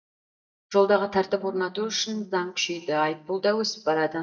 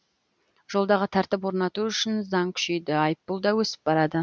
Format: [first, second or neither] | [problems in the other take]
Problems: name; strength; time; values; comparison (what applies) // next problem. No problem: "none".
second | noise reduction (neural mask model DeepFilterNet 3)